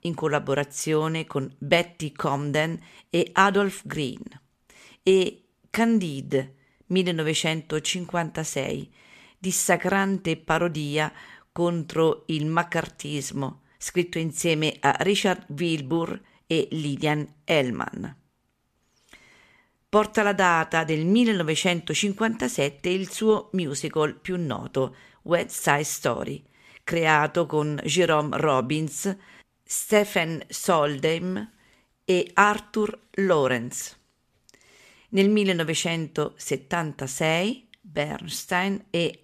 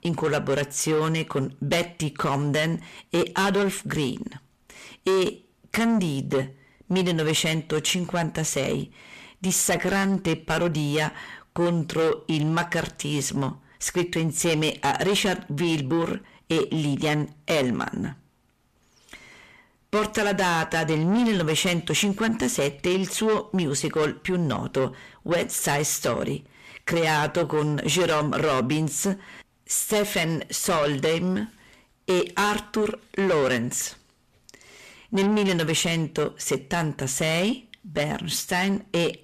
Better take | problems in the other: first | distortion; heavy; 6 dB below the speech

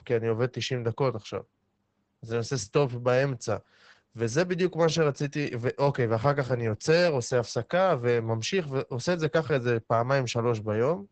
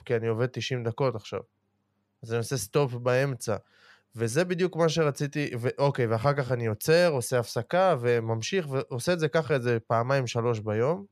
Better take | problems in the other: second | garbled, watery; badly; nothing above 7.5 kHz

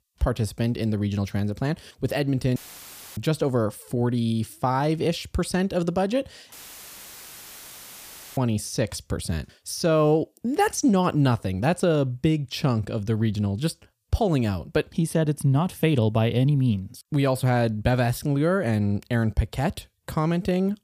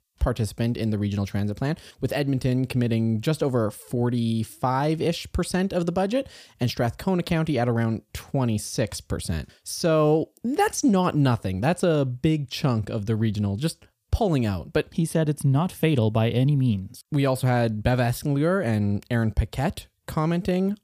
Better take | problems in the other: second | audio cutting out; filled with static; at 2.5 s for 0.5 s and at 6.5 s for 2 s

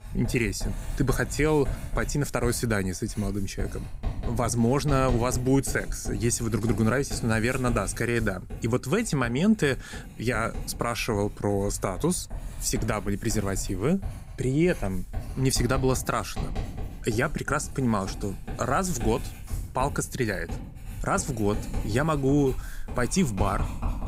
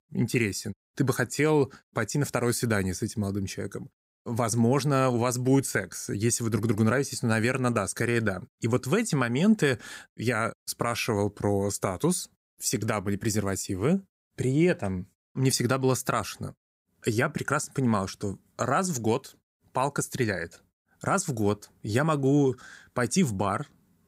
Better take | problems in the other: second | household noises; noticeable; throughout; 10 dB below the speech

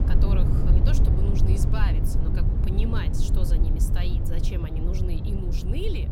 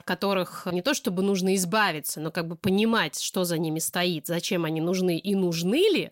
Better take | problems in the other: second | low rumble; loud; throughout; as loud as the speech

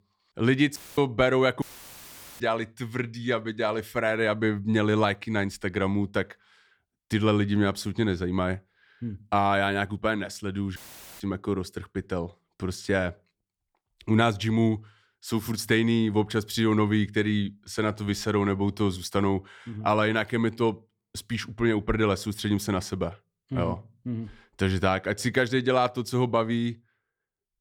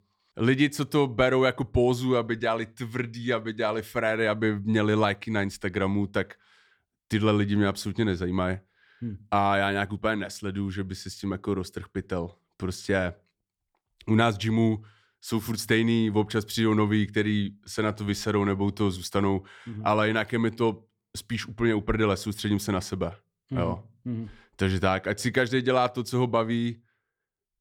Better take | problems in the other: second | audio cutting out; filled with static; at 1 s, at 1.5 s for 1 s and at 11 s

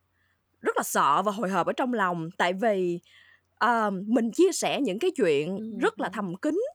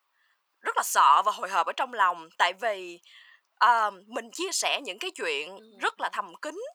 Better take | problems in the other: first | thin; very; fading below 800 Hz

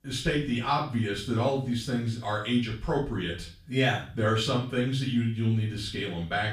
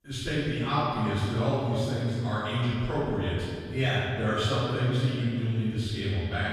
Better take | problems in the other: first | room echo; strong; dies away in 2.2 s; slight in the first // off-mic speech; far; far in the first

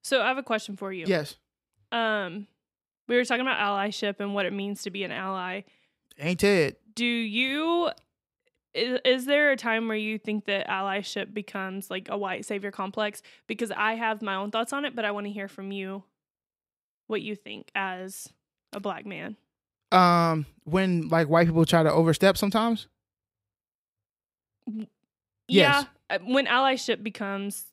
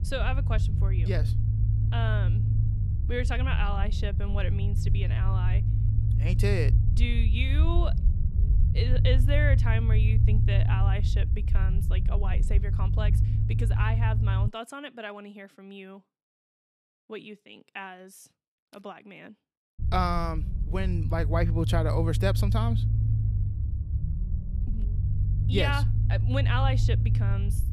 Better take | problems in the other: first | low rumble; loud; until 14 s and from 20 s on; 7 dB below the speech

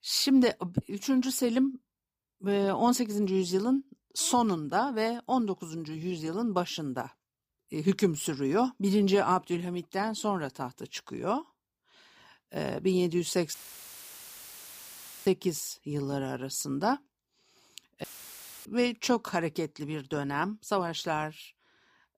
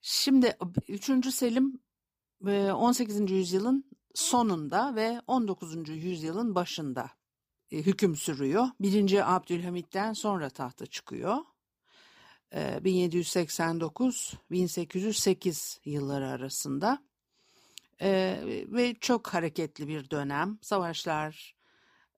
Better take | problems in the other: second | audio cutting out; filled with static; at 14 s for 1.5 s and at 18 s for 0.5 s

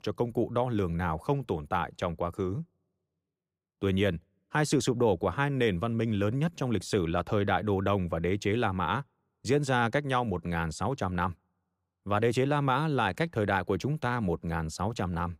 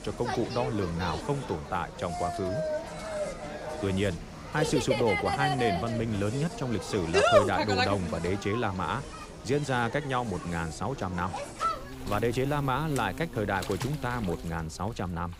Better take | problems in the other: first | animal sounds; loud; throughout; 2 dB below the speech

